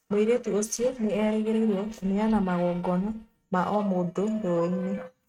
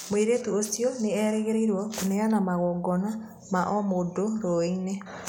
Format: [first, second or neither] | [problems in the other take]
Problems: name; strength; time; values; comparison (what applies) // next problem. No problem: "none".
second | noise reduction (neural mask model RNNoise)